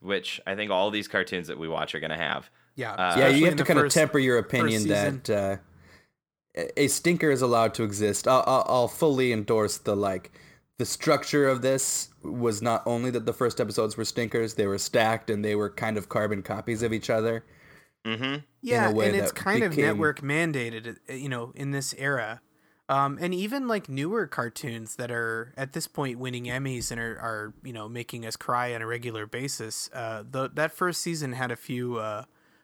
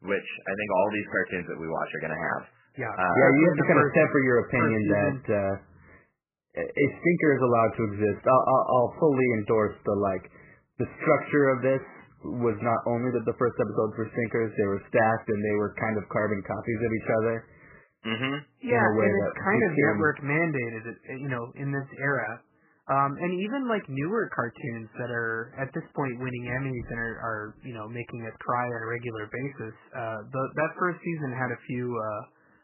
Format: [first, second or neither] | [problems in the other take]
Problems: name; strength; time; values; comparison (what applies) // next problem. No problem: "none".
first | garbled, watery; badly; nothing above 3 kHz